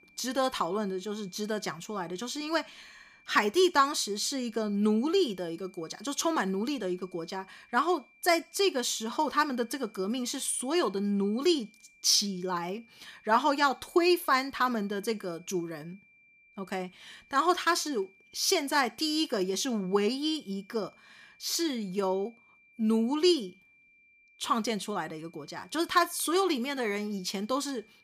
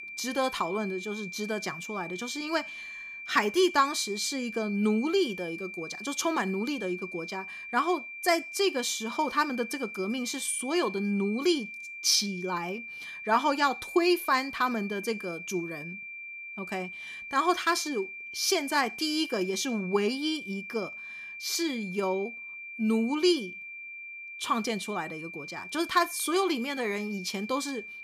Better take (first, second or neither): first